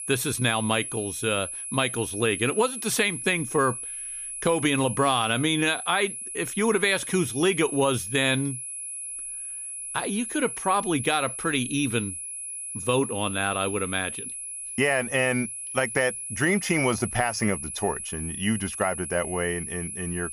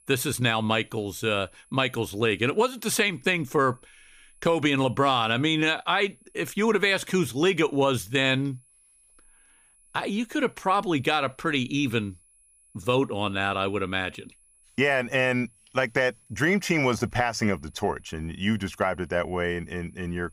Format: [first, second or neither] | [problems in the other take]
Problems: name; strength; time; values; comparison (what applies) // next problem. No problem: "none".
second | high-pitched whine; loud; throughout; 10.5 kHz, 7 dB below the speech; faint in the second